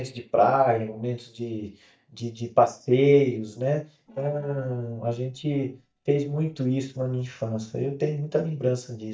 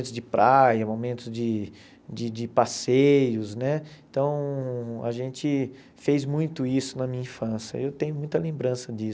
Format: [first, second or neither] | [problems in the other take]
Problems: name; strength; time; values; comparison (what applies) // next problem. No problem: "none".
second | noise reduction (neural mask model DeepFilterNet 3)